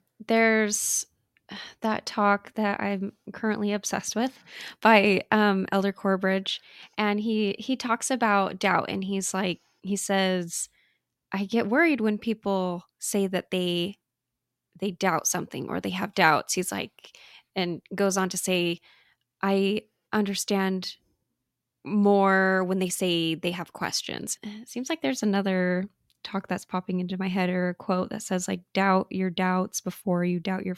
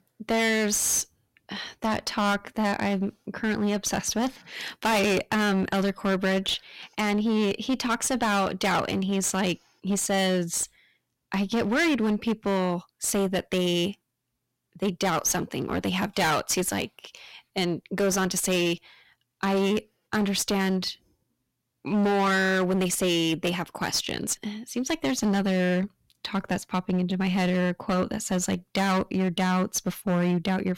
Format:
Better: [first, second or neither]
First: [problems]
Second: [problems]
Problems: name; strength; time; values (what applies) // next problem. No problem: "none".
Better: first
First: none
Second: distortion; heavy; 16% of the sound clipped